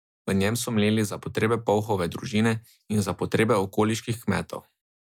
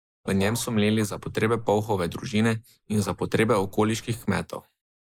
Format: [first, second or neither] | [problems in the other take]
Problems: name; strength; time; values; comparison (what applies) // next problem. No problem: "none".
first | noise reduction (neural mask model Resemble Enhance denoiser)